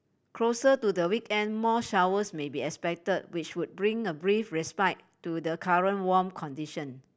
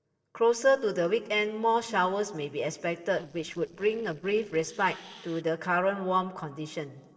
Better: first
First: none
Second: noise reduction (neural separator model SepFormer DNS4)

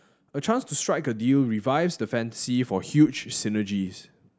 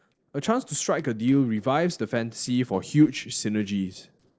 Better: first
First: none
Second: noise reduction (neural separator model SepFormer DNS4)

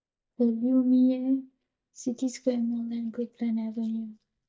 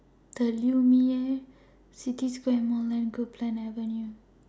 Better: second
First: noise reduction (neural mask model DeepFilterNet 3)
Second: none

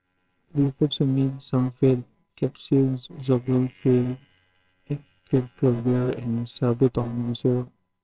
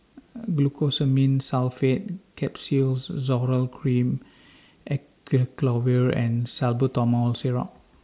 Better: second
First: noise reduction (neural separator model SepFormer WHAMR!)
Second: none

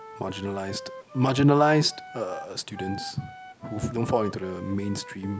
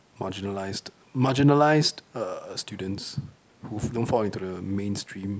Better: second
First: background sound (Wind instrument, woodwind instrument); 16 dB below the speech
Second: none

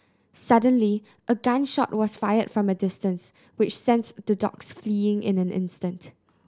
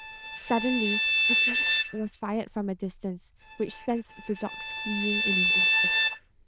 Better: first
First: none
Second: noise reduction (neural diffusion model UNIVERSE++)

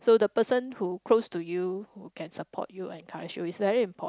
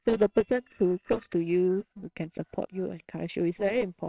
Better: first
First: none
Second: noise reduction (neural separator model SepFormer WHAMR!)

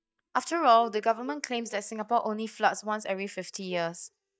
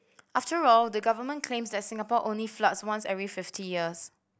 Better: second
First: noise reduction (neural mask model DeepFilterNet 3)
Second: none

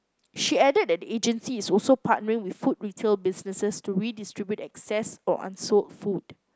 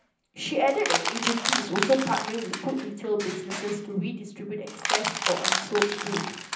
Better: first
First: none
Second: background sound (Crushing); 2 dB below the speech // room echo; dies away in 0.6 s

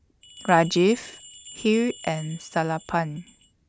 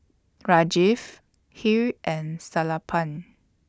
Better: second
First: background sound (Bell); 19 dB below the speech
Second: none

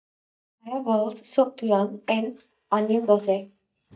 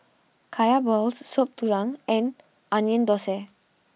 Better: second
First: noise reduction (neural mask model DeepFilterNet 3)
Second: none

